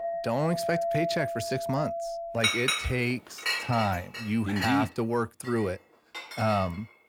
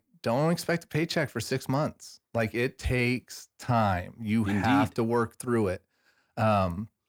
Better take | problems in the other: second | household noises; loud; throughout; 2 dB below the speech

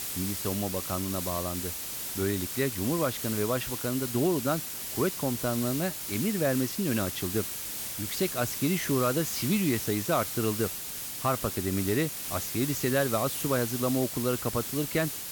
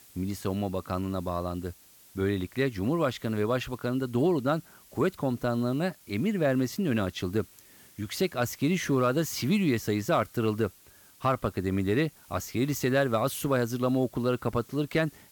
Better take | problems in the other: second | hiss; loud; throughout; 3 dB below the speech; faint in the second

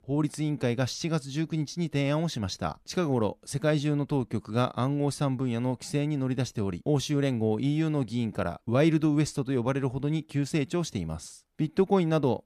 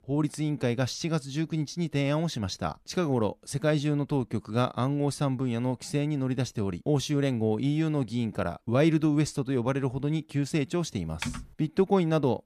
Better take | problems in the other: first | keyboard typing; noticeable; at 11 s; peak 8 dB below the speech

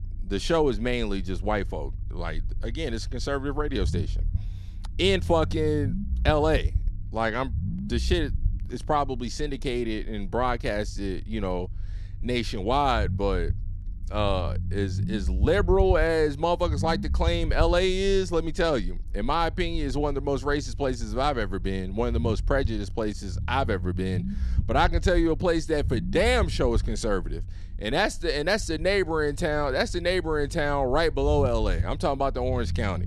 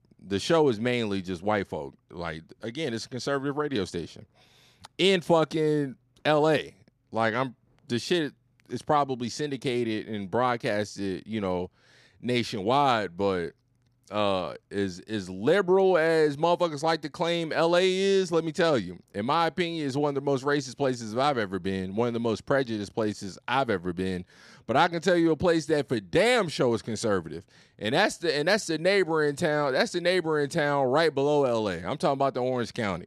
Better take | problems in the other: second | low rumble; faint; throughout; 20 dB below the speech

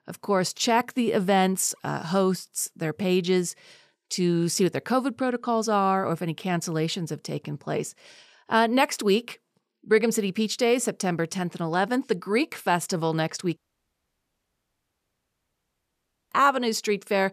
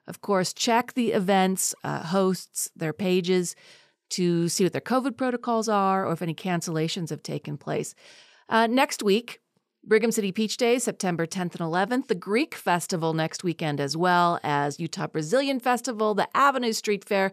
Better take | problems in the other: second | audio cutting out; at 14 s for 2.5 s

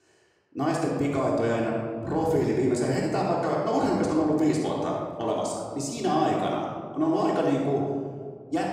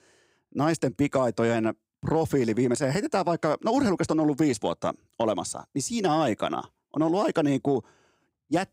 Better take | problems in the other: second | room echo; noticeable; dies away in 1.6 s // off-mic speech; far

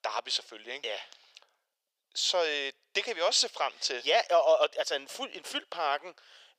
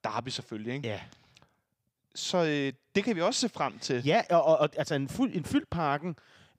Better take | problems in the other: second | thin; very; fading below 500 Hz

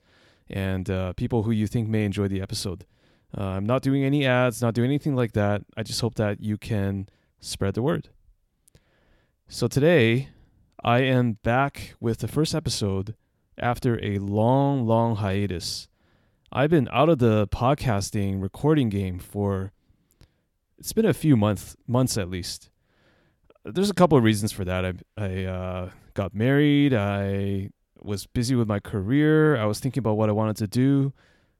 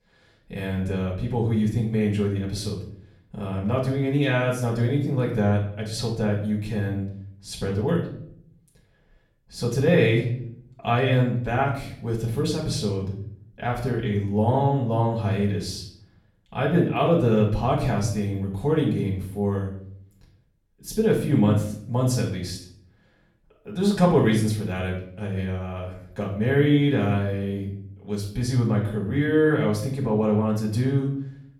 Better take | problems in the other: first | off-mic speech; far // room echo; slight; dies away in 0.6 s

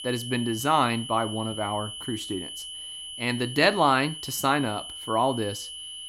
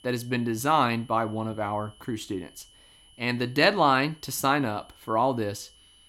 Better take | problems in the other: second | high-pitched whine; loud; throughout; 3 kHz, 9 dB below the speech; faint in the second

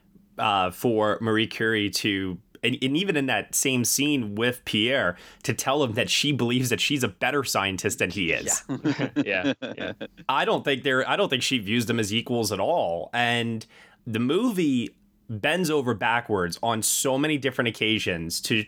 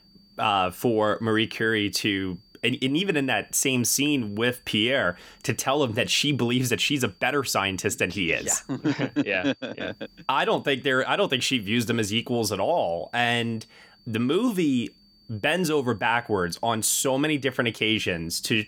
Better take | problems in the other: first | high-pitched whine; faint; throughout; 4.5 kHz, 30 dB below the speech

